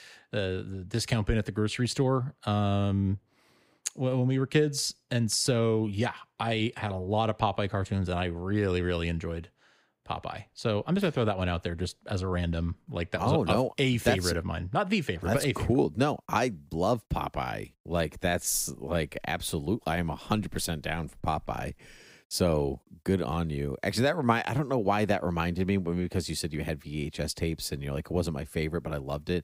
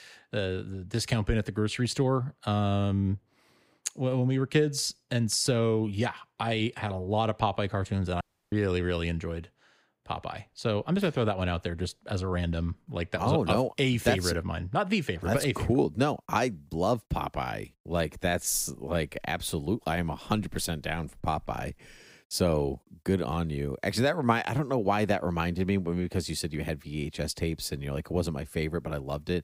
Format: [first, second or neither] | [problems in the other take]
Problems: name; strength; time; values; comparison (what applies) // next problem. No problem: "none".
first | audio cutting out; at 8 s